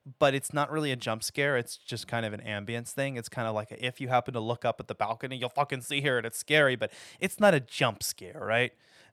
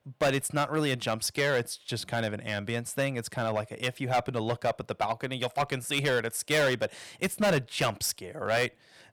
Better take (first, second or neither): first